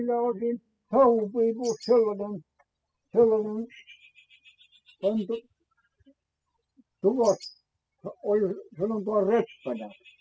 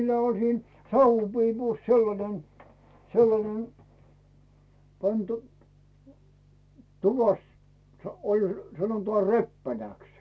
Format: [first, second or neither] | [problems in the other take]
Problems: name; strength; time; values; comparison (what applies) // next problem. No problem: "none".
second | noise reduction (classical method spectral subtraction)